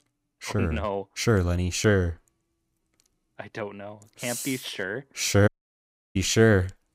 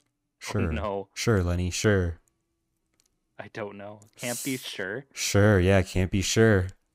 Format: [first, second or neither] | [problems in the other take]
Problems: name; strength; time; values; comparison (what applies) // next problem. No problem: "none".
second | audio cutting out; at 5.5 s for 0.5 s